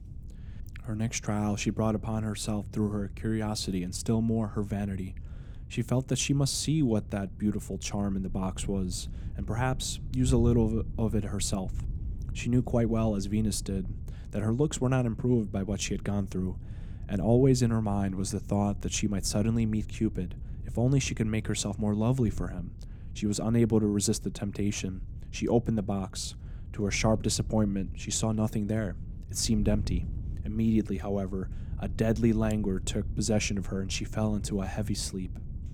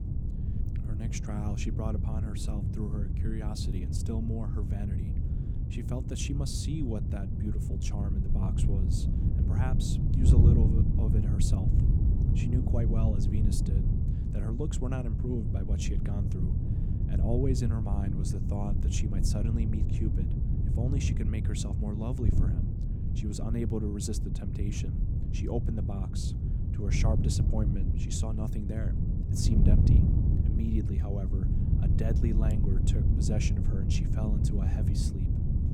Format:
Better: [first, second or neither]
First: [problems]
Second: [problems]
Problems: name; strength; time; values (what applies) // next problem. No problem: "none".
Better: first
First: wind noise on the microphone; occasional gusts; 20 dB below the speech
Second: wind noise on the microphone; heavy; 1 dB below the speech